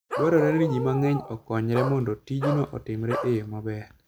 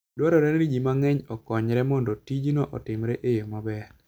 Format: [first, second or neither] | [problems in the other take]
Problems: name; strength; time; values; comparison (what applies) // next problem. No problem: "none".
second | background sound (Bark); 7 dB below the speech